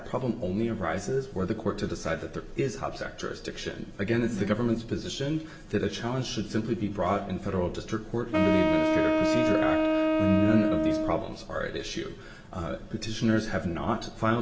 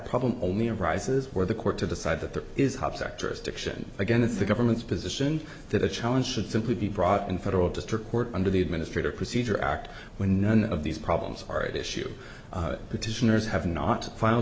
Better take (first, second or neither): second